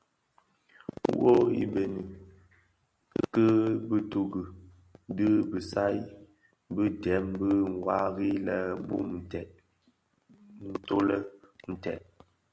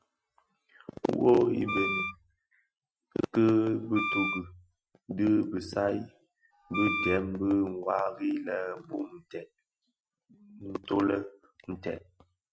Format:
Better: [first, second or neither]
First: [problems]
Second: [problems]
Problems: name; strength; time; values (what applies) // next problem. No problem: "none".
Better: first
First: none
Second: noise reduction (classical method Wiener filter)